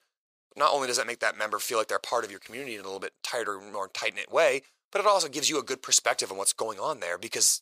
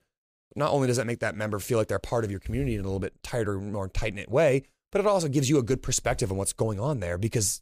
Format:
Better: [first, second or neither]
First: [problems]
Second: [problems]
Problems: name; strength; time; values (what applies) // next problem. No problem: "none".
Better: second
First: thin; very; fading below 650 Hz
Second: none